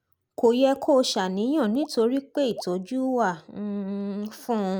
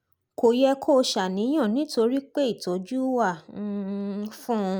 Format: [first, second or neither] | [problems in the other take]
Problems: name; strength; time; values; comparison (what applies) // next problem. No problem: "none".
second | background sound (Raindrop / Drip); 18 dB below the speech